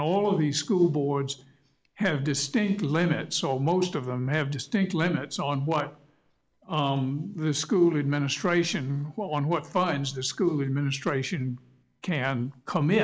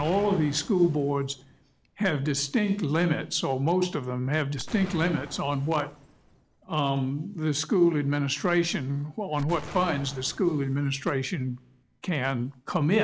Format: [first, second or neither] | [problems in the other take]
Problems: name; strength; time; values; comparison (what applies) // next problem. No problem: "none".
first | background sound (Explosion); 19 dB below the speech